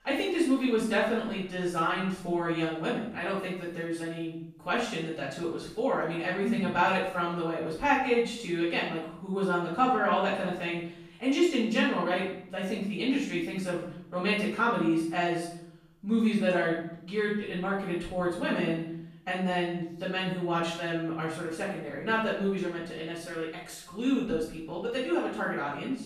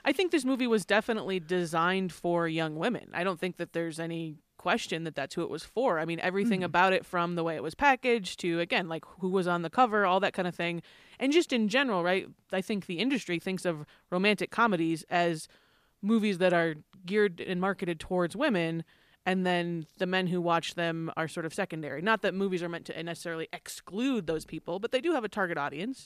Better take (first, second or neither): second